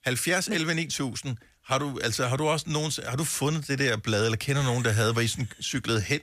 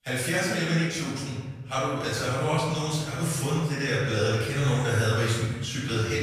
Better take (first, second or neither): first